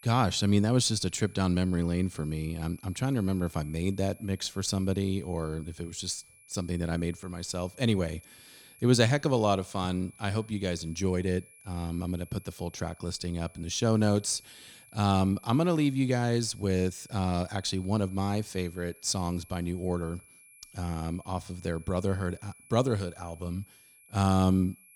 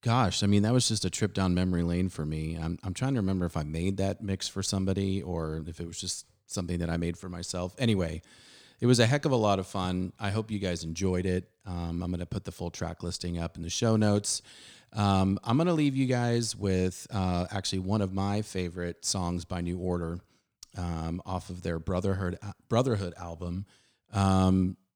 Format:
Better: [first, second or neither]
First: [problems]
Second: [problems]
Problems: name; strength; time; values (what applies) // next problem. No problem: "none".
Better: second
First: high-pitched whine; faint; throughout; 2.5 kHz, 25 dB below the speech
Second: none